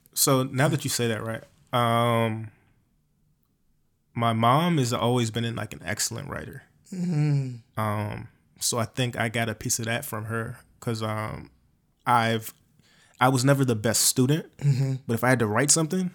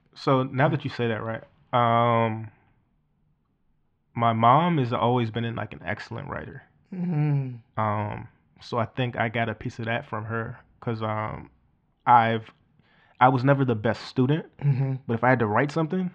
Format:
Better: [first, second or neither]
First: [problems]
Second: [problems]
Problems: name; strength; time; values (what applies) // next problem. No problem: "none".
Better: first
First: none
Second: muffled; very; fading above 3 kHz